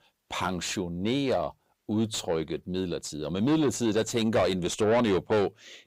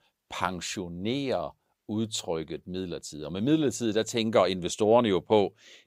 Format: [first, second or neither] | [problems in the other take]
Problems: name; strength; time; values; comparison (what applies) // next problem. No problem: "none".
second | distortion; heavy; 8 dB below the speech